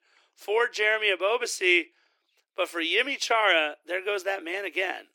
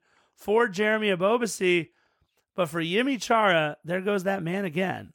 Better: second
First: thin; very; fading below 300 Hz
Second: none

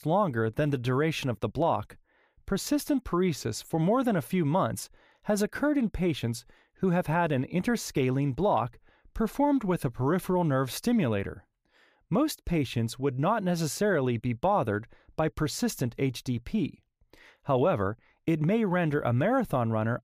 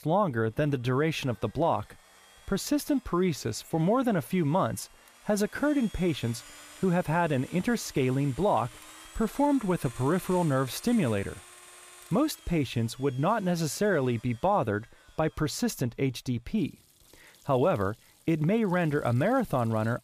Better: first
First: none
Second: household noises; faint; throughout; 20 dB below the speech

